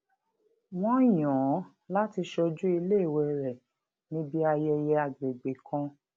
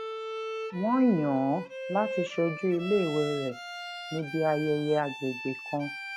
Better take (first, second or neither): first